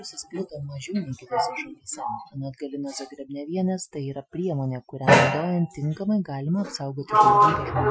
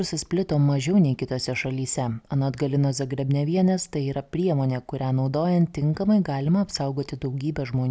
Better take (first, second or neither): second